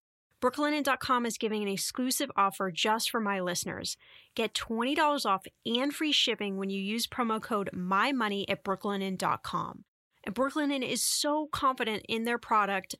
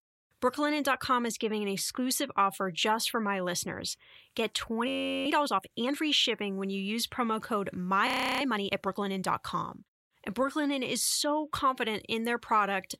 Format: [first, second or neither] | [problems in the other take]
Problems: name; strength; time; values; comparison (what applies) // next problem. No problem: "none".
first | audio freezing; at 5 s and at 8 s